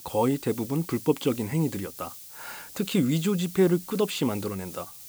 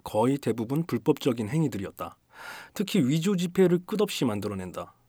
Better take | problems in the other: second | hiss; noticeable; throughout; 15 dB below the speech

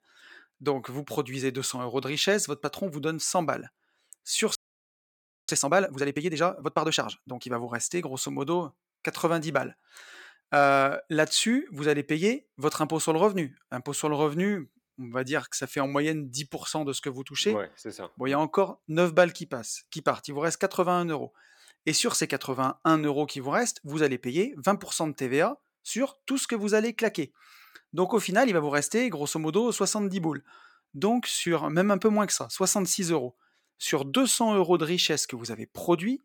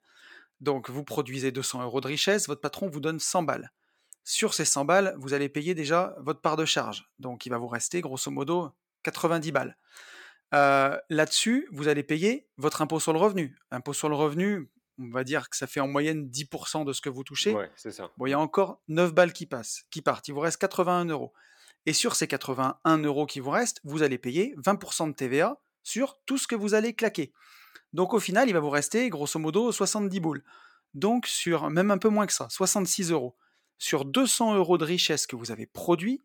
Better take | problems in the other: second | audio freezing; at 4.5 s for 1 s

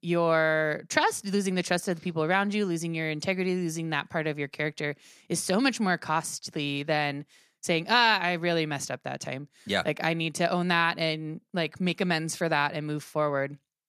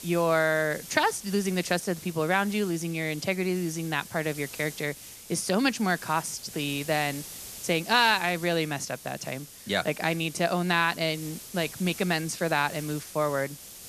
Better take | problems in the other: first | hiss; noticeable; throughout; 15 dB below the speech

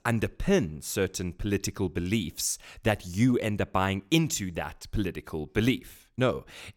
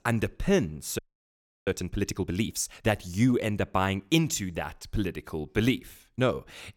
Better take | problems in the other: first | audio freezing; at 1 s for 0.5 s

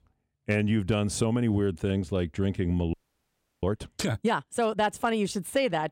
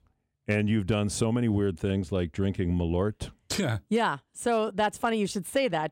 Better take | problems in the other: second | audio freezing; at 3 s for 0.5 s

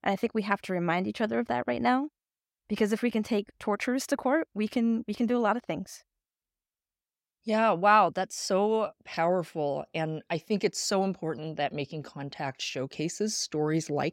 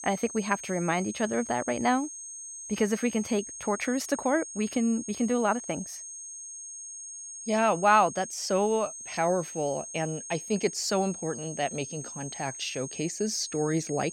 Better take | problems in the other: first | high-pitched whine; loud; throughout; 6.5 kHz, 10 dB below the speech

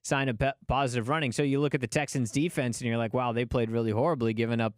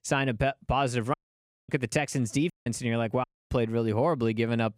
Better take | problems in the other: first | audio cutting out; at 1 s for 0.5 s, at 2.5 s and at 3 s

